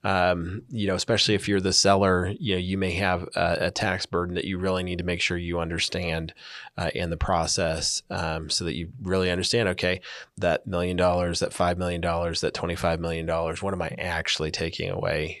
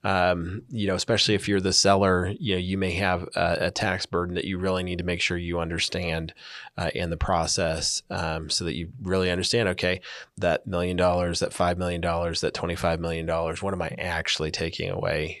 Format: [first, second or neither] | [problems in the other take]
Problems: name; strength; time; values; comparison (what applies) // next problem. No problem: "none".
neither | none